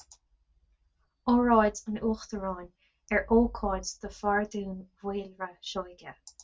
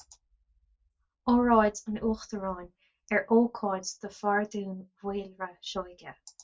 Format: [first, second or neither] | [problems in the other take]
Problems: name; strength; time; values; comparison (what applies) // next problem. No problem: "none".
first | noise reduction (neural mask model Resemble Enhance denoiser)